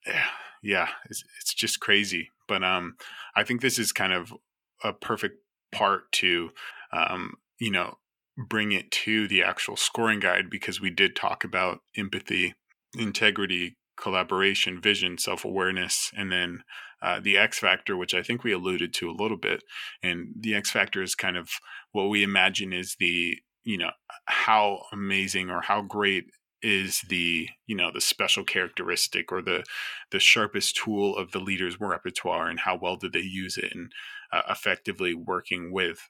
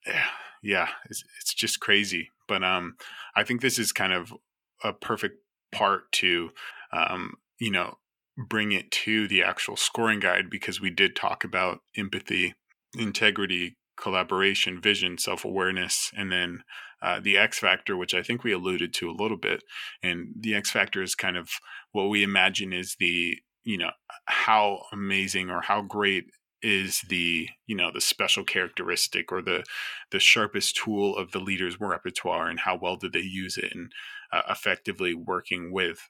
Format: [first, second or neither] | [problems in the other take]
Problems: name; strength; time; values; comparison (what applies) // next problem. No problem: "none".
neither | thin; somewhat; fading below 750 Hz; the same in both